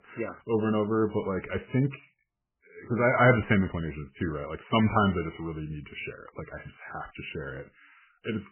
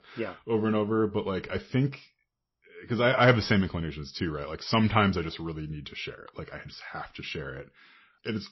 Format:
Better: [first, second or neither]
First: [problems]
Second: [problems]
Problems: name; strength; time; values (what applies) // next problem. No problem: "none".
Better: second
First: garbled, watery; badly; nothing above 3 kHz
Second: garbled, watery; slightly; nothing above 5.5 kHz